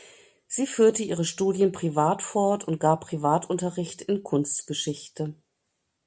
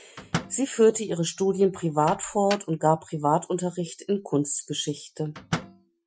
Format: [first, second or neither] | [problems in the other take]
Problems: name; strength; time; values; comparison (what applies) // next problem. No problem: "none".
first | noise reduction (classical method Wiener filter)